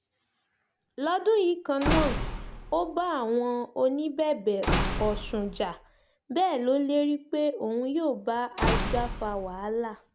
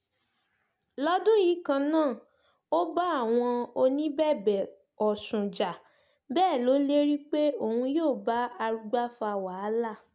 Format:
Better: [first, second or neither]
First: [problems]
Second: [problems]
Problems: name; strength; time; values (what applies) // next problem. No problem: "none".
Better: second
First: background sound (Slam / Wood); 4 dB below the speech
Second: none